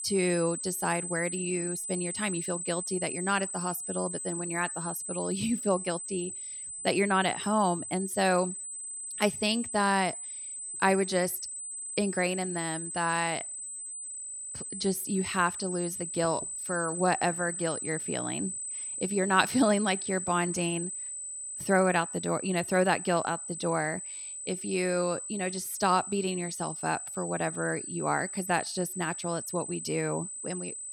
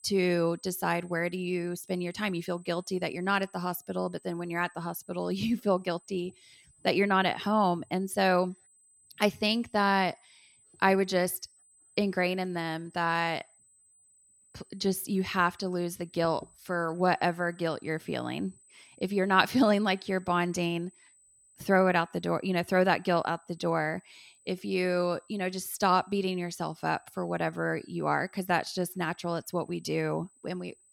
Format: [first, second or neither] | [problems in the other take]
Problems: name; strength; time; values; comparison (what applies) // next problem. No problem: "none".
second | high-pitched whine; loud; throughout; 8 kHz, 5 dB below the speech; faint in the second